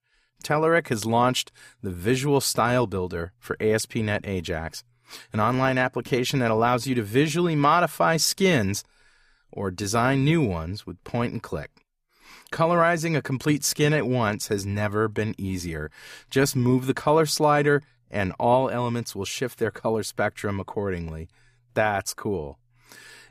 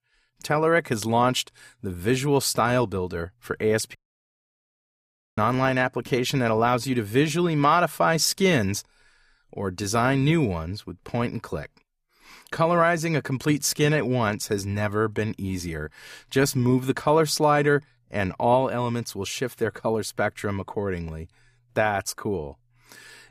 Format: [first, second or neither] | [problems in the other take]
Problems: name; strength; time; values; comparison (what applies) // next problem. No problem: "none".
first | audio cutting out; at 4 s for 1.5 s